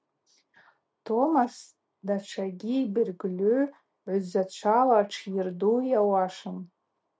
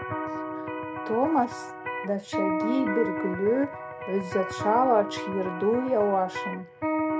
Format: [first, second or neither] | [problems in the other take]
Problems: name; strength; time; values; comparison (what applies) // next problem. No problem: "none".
first | background sound (Electric guitar); 4 dB below the speech